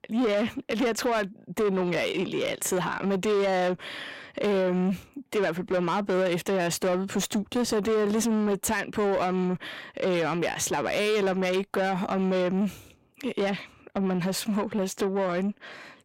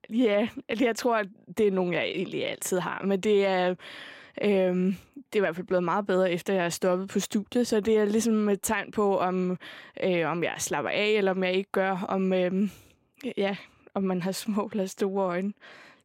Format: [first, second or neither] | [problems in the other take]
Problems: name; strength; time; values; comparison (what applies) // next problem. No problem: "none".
second | distortion; slight; 10 dB below the speech